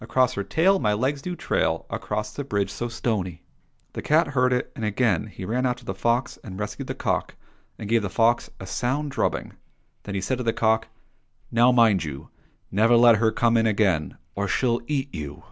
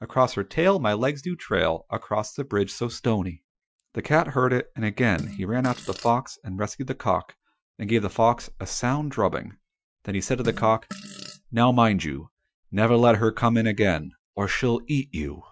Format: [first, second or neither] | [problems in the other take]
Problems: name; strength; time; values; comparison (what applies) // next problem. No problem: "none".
first | noise reduction (classical method Wiener filter)